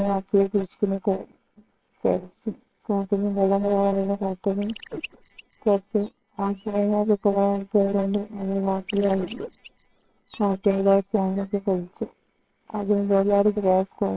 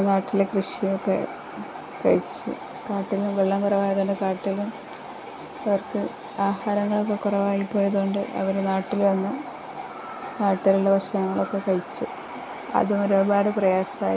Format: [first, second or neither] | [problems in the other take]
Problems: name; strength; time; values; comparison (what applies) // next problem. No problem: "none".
second | noise reduction (neural separator model SepFormer WHAMR!)